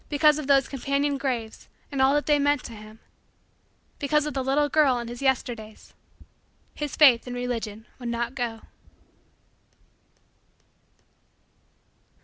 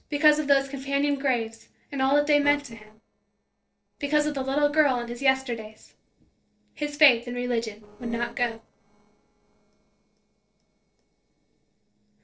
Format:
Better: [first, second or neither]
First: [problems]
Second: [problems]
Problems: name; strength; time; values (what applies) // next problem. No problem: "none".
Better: first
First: none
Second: noise reduction (neural separator model SepFormer DNS4)